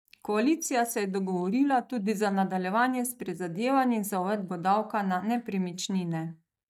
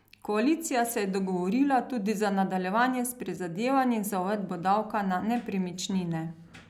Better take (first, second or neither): second